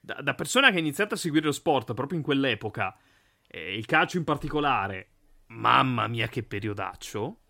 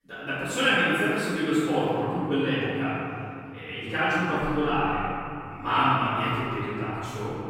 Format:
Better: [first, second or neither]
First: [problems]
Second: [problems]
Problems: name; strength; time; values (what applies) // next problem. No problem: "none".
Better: first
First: none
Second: off-mic speech; far // room echo; strong; dies away in 2.8 s